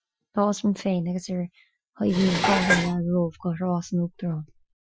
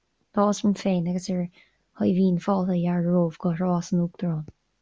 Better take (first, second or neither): second